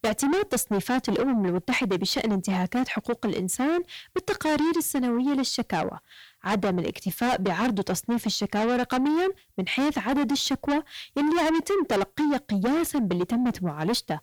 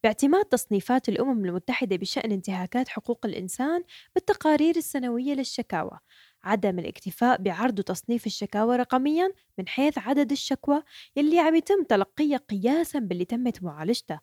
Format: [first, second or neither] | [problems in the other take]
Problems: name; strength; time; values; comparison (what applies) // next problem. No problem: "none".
second | distortion; heavy; 6 dB below the speech